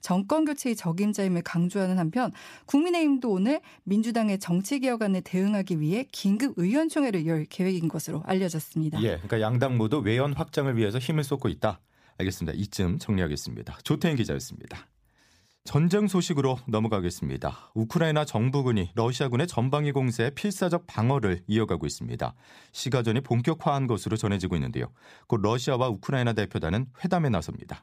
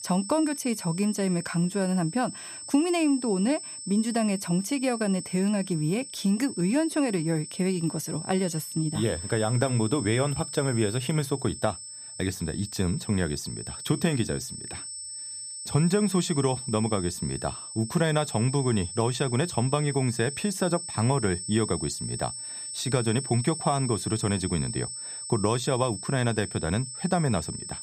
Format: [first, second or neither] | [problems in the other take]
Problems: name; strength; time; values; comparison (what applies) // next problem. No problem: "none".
first | high-pitched whine; loud; throughout; 8.5 kHz, 8 dB below the speech